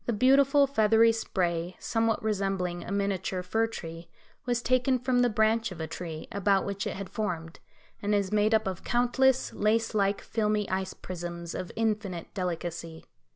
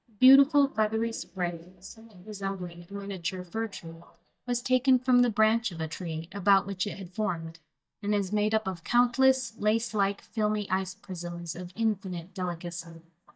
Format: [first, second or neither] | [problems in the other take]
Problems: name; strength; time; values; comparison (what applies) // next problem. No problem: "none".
first | noise reduction (neural mask model DeepFilterNet 3)